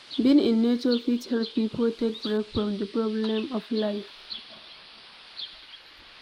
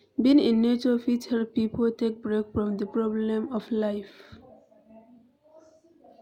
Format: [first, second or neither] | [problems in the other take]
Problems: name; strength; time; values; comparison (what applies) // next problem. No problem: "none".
second | noise reduction (neural mask model Resemble Enhance denoiser)